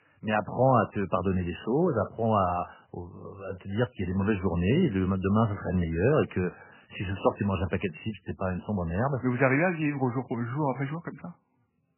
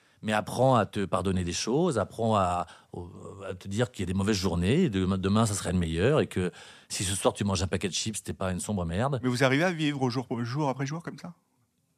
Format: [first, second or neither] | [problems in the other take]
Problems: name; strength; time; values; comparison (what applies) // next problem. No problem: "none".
second | garbled, watery; badly; nothing above 3 kHz